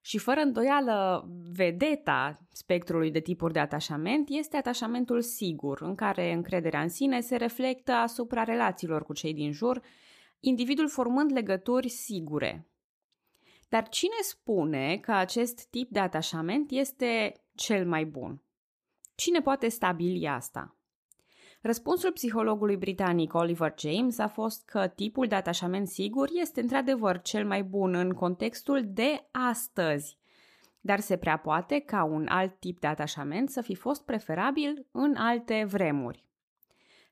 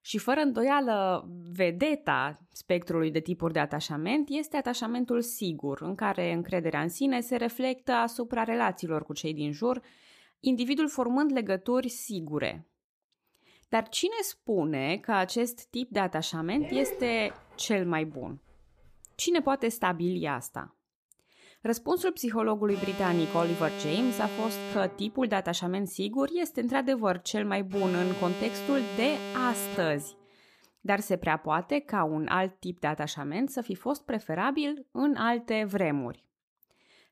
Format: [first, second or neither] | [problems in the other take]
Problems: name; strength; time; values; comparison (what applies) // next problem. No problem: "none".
first | dog barking; noticeable; at 17 s; peak 6 dB below the speech // alarm; noticeable; from 23 to 30 s; peak 7 dB below the speech